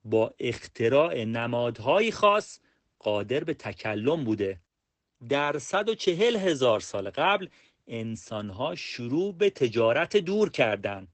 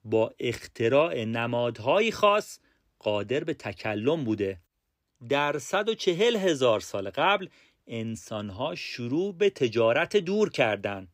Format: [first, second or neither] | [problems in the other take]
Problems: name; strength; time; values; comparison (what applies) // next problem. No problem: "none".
second | garbled, watery; badly; nothing above 8 kHz